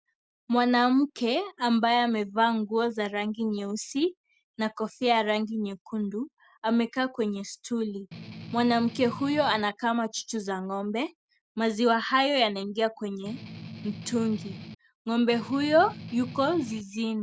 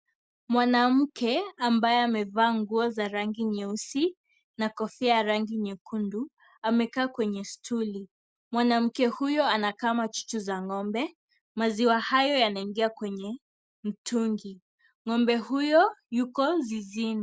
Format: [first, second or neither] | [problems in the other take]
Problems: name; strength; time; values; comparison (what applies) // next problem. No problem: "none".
second | background sound (Strum); 13 dB below the speech